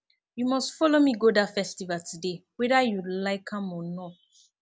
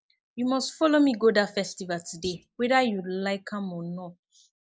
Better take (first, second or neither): first